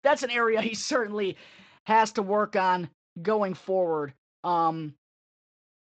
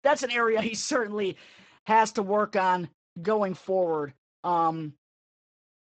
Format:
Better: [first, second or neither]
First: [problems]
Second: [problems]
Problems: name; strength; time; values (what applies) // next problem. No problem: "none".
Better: first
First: garbled, watery; slightly; nothing above 7.5 kHz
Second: garbled, watery; badly; nothing above 8 kHz